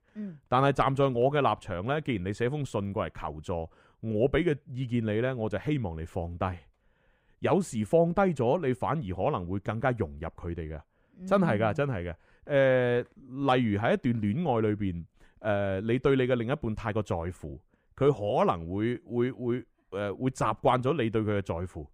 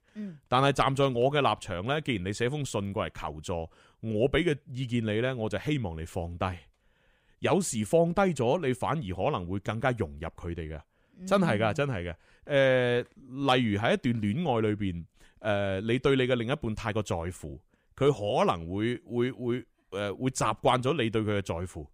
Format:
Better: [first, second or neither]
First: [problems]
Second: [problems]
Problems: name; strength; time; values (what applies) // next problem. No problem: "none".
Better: second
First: muffled; slightly; fading above 2.5 kHz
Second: none